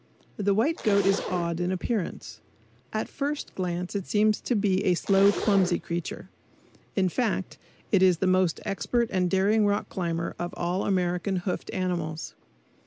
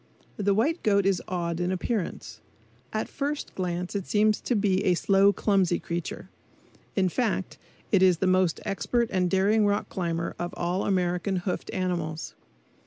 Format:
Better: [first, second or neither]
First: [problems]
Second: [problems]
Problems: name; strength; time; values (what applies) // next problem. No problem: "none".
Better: second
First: background sound (Zipper (clothing)); 11 dB below the speech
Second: none